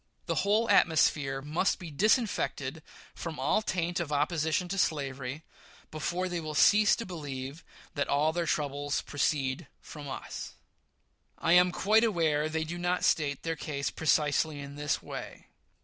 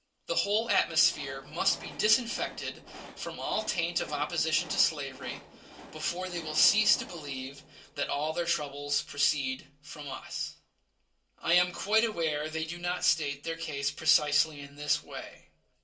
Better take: first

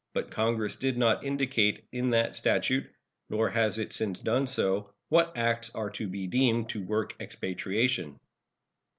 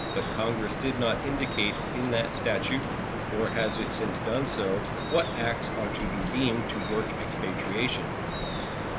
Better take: first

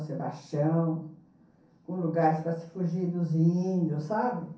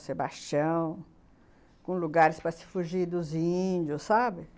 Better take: second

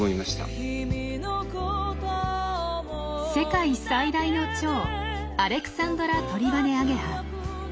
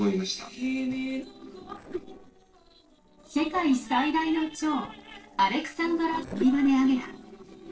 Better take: first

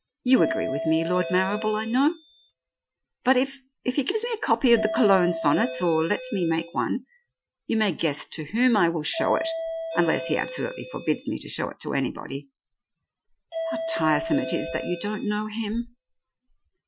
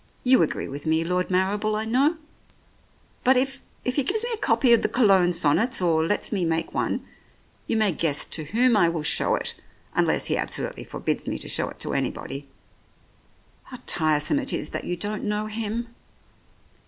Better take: second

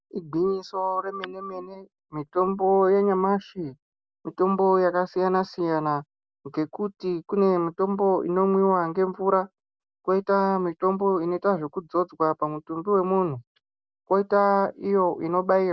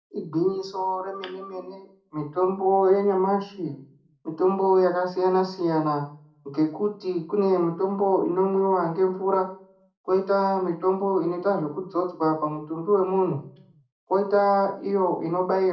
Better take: first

